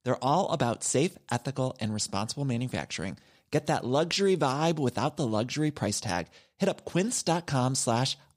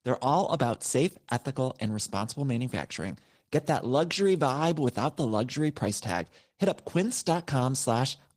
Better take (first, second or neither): first